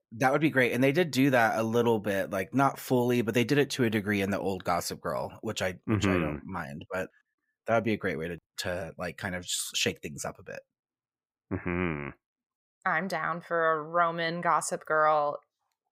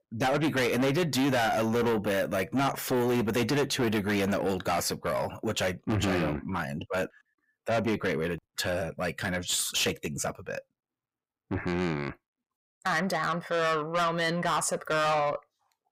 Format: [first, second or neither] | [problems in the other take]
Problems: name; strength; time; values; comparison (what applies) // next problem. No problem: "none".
first | distortion; heavy; 6 dB below the speech